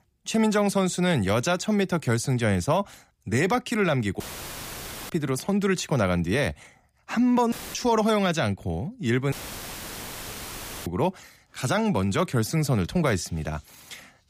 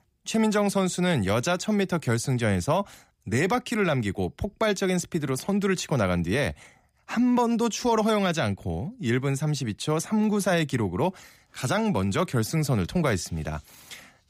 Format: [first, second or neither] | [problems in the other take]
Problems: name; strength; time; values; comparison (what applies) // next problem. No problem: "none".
second | audio cutting out; filled with static; at 4 s for 1 s, at 7.5 s and at 9.5 s for 1.5 s